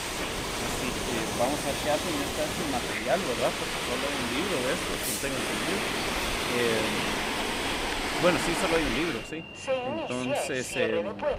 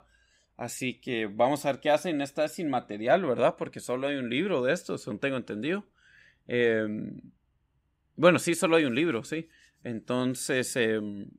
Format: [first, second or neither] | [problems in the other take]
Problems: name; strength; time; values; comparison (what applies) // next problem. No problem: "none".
second | train or aircraft noise; very loud; throughout; 2 dB above the speech